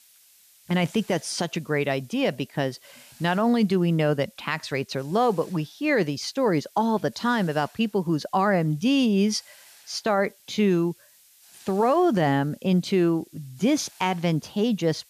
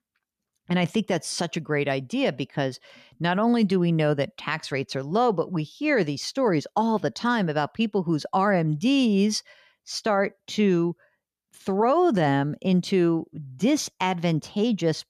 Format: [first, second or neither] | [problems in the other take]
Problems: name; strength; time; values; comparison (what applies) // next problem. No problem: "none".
second | hiss; faint; throughout; 25 dB below the speech